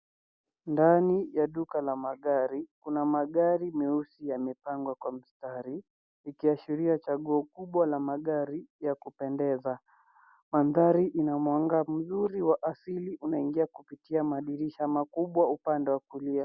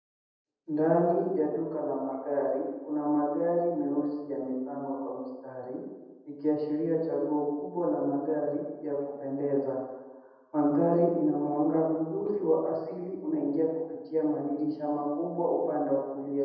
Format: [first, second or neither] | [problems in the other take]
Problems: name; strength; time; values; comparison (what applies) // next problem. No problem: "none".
first | room echo; dies away in 1.1 s